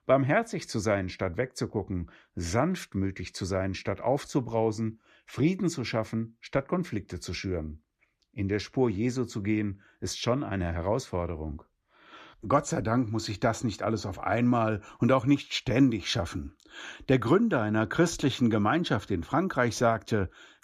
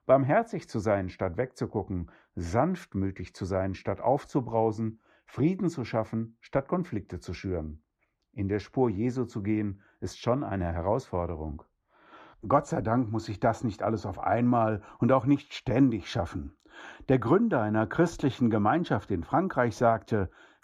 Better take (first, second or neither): first